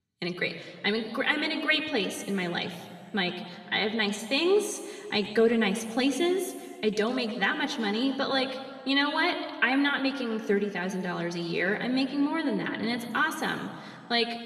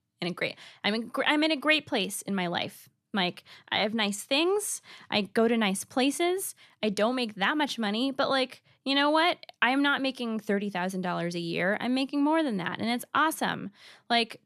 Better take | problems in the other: second | room echo; slight; dies away in 2.1 s // off-mic speech; somewhat distant

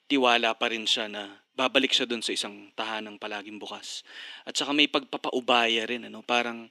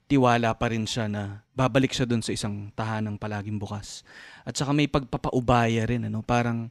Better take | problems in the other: second | thin; very slightly; fading below 300 Hz

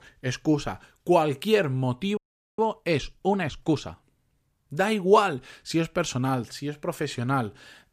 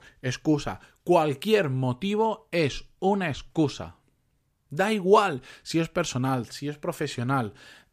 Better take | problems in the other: second | audio freezing; at 2 s

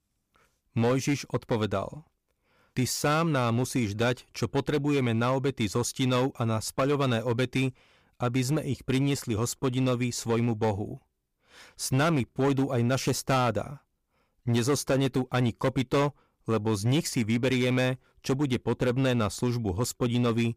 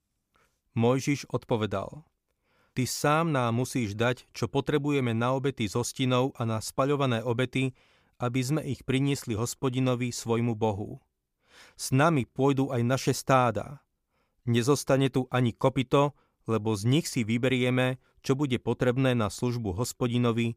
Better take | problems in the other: second | distortion; slight; 8% of the sound clipped

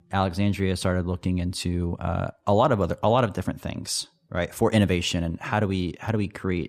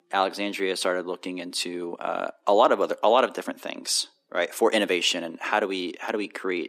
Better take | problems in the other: first | thin; somewhat; fading below 300 Hz

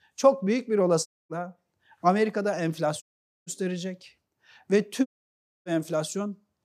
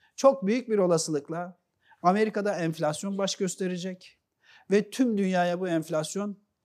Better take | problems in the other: second | audio cutting out; at 1 s, at 3 s and at 5 s for 0.5 s

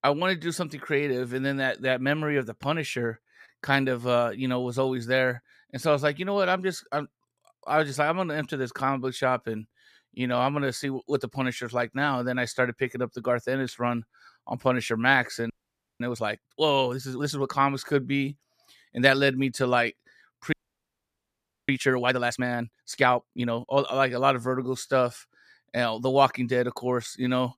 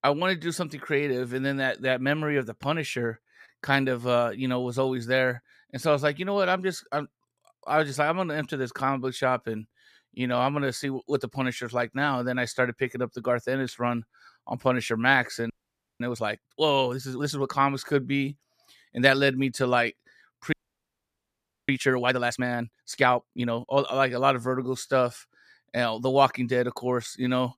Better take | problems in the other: neither | audio freezing; at 16 s for 0.5 s and at 21 s for 1 s; the same in both

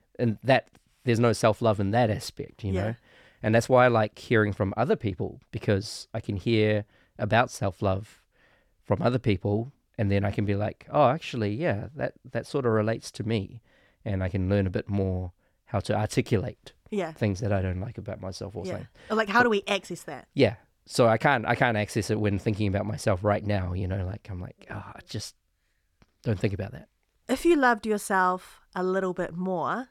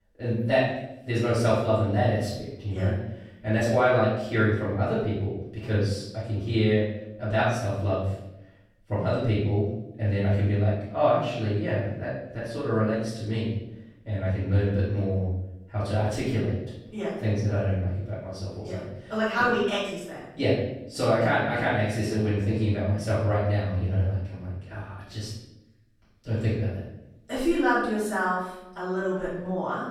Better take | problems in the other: first | off-mic speech; far // room echo; noticeable; dies away in 0.8 s

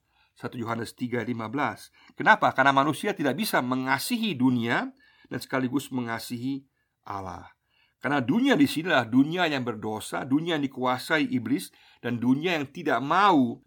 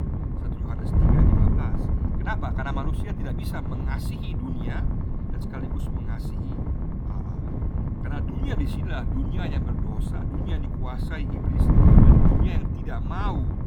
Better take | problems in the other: first | wind noise on the microphone; heavy; 3 dB above the speech

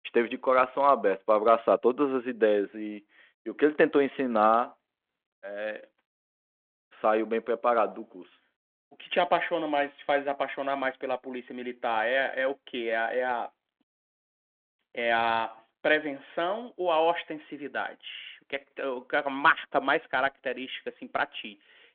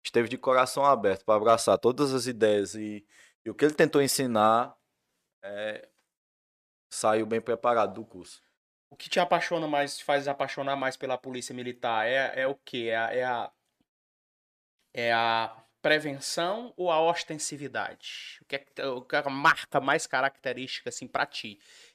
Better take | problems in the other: second | phone-call audio

